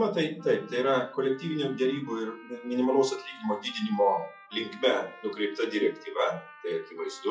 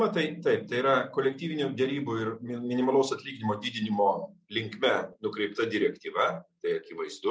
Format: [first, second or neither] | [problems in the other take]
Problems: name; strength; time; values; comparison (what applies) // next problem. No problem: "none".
second | noise reduction (classical method WPE with log-MMSE)